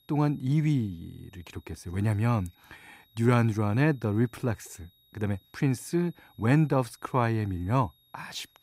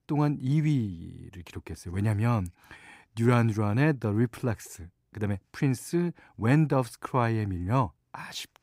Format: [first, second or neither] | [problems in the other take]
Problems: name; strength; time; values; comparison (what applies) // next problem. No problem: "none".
second | high-pitched whine; faint; throughout; 4 kHz, 35 dB below the speech